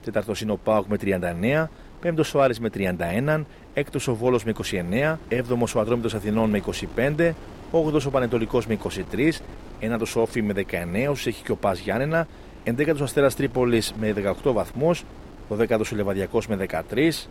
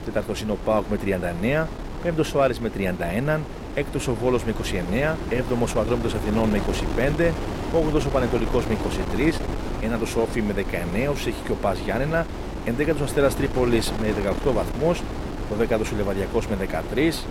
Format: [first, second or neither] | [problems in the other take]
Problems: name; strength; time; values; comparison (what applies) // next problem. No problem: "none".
first | wind noise on the microphone; heavy; 8 dB below the speech; occasional gusts in the first